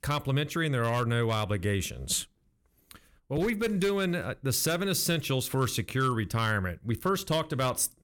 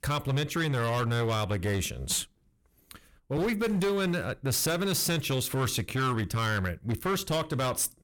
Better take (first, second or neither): first